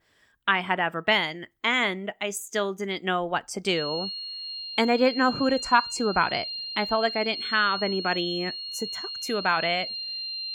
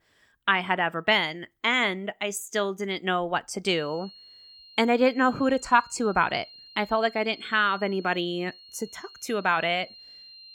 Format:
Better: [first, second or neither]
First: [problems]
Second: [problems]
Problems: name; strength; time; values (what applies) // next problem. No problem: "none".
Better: second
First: high-pitched whine; loud; from 4 s on; 4 kHz, 6 dB below the speech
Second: high-pitched whine; faint; from 4 s on; 4 kHz, 20 dB below the speech